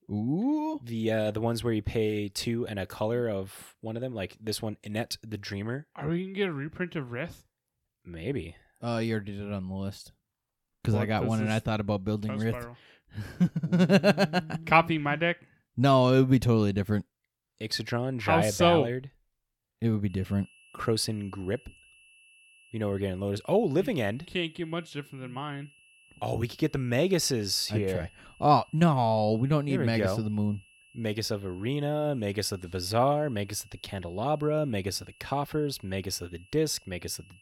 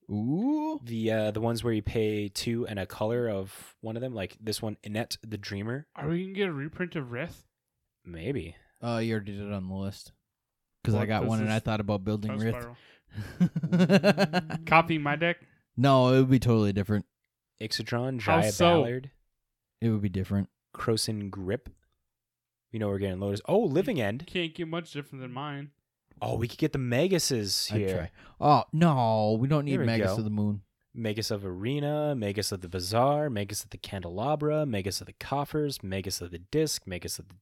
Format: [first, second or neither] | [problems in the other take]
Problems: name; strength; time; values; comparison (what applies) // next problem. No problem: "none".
second | high-pitched whine; faint; from 20 s on; 2.5 kHz, 30 dB below the speech